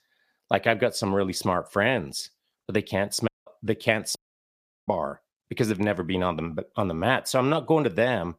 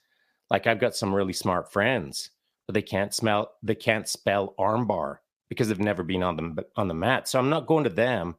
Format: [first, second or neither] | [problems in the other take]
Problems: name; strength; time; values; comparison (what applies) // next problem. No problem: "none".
second | audio cutting out; at 3.5 s and at 4 s for 0.5 s